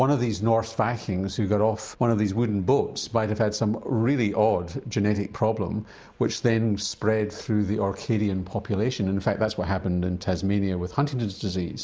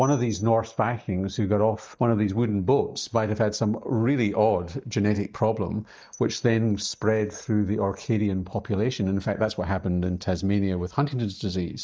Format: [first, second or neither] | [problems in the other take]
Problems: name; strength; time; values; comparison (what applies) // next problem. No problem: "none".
first | noise reduction (neural mask model DeepFilterNet 3)